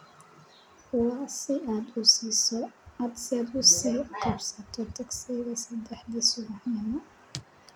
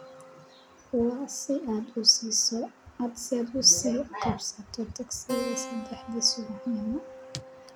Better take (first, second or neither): first